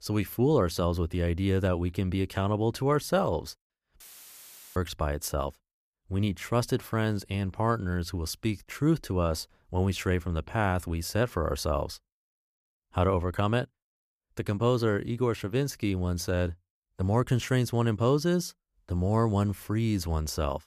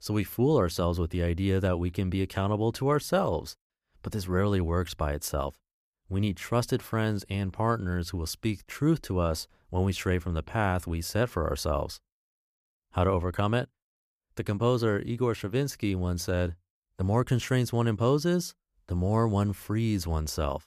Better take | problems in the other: second | audio cutting out; filled with static; at 4 s for 1 s

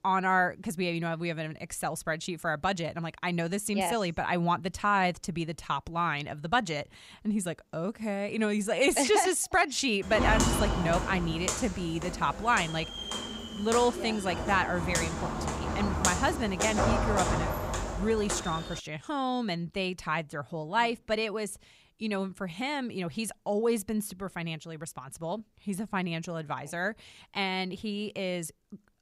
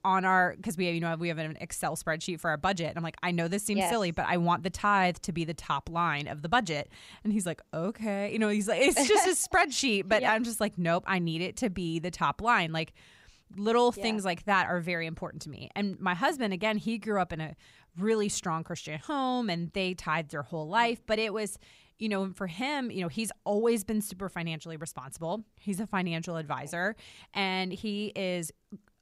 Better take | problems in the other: second | footsteps; loud; from 10 to 19 s; peak 4 dB above the speech

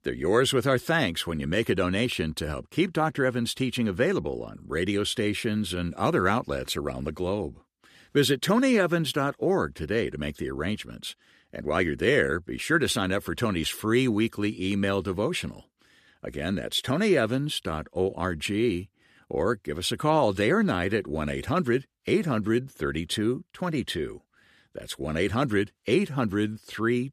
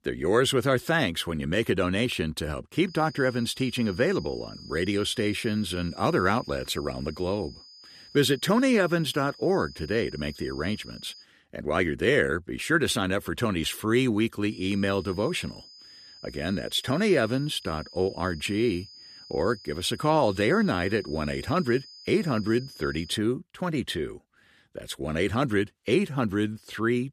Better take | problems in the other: first | high-pitched whine; noticeable; from 3 to 11 s and from 15 to 23 s; 5 kHz, 20 dB below the speech

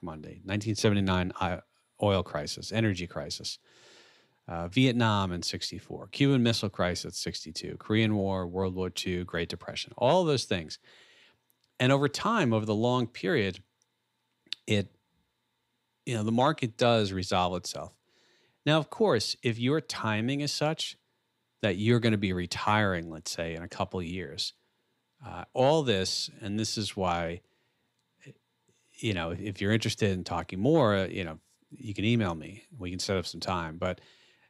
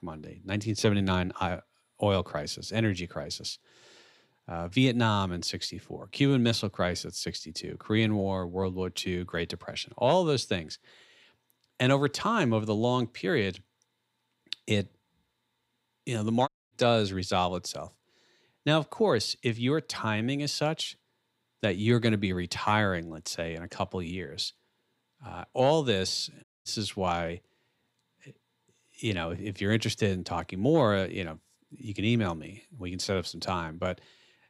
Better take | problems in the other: first | audio cutting out; at 16 s and at 26 s

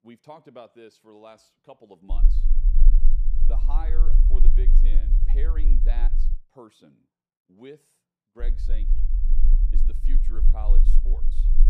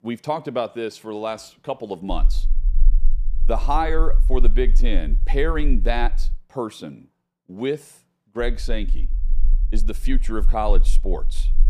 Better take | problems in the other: second | low rumble; loud; from 2 to 6.5 s and from 8.5 s on; 6 dB below the speech; faint in the second

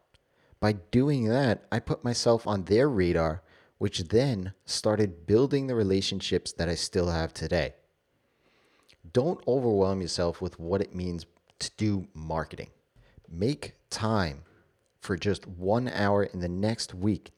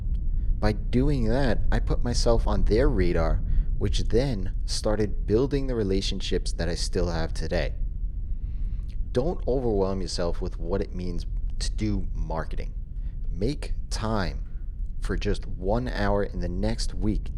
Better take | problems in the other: first | low rumble; faint; throughout; 25 dB below the speech

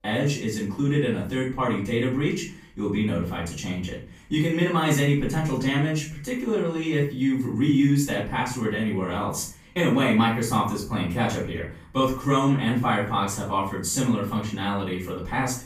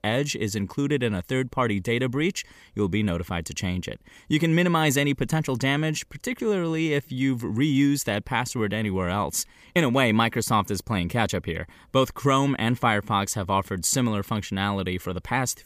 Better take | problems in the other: second | off-mic speech; far // room echo; noticeable; dies away in 0.4 s

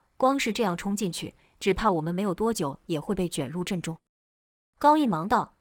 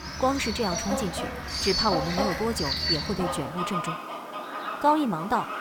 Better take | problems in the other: first | animal sounds; loud; throughout; 1 dB below the speech

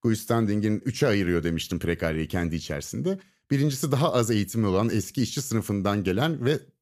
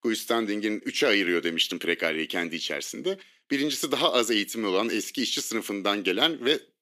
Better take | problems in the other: first | thin; somewhat; fading below 300 Hz

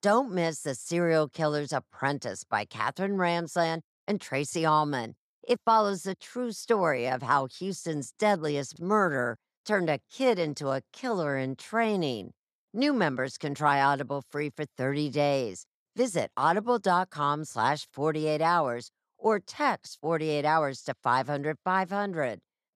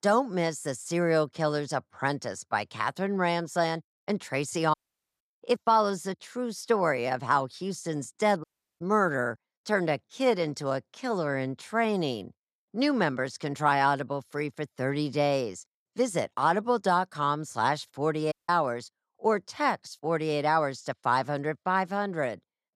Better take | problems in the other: first | audio cutting out; at 4.5 s, at 8.5 s and at 18 s

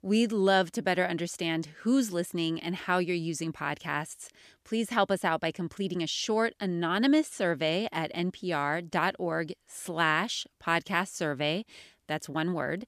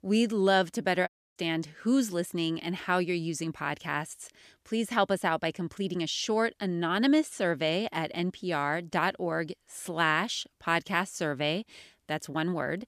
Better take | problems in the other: first | audio cutting out; at 1 s

